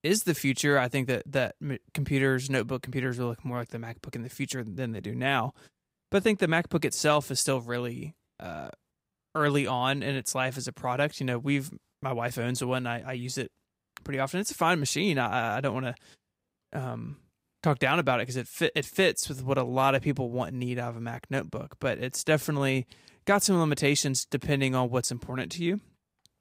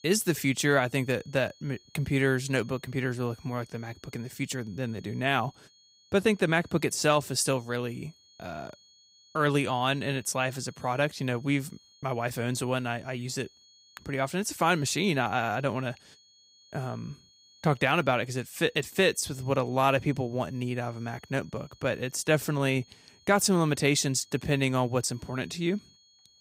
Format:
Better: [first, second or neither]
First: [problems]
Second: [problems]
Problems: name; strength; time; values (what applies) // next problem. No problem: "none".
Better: first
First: none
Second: high-pitched whine; faint; throughout; 4.5 kHz, 30 dB below the speech